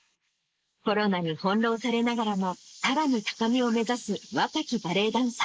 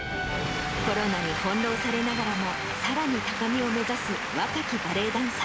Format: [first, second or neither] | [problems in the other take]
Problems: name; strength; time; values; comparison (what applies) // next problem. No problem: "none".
second | noise reduction (neural mask model Resemble Enhance denoiser)